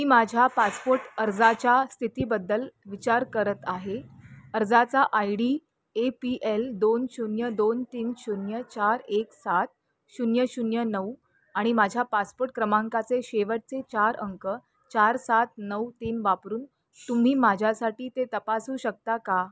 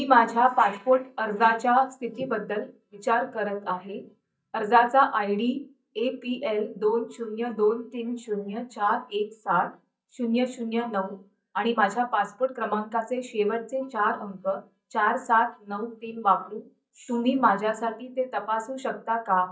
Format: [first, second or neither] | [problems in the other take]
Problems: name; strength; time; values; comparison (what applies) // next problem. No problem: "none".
first | noise reduction (neural mask model DeepFilterNet 3)